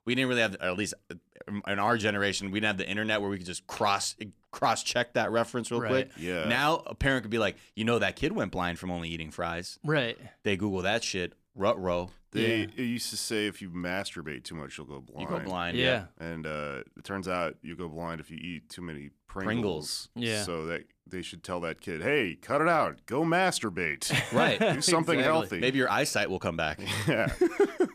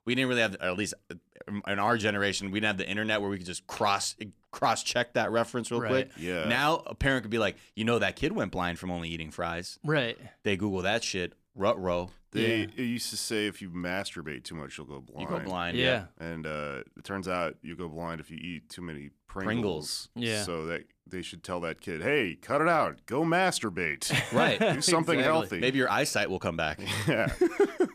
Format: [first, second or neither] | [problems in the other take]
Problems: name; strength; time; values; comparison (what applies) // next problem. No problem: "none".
neither | none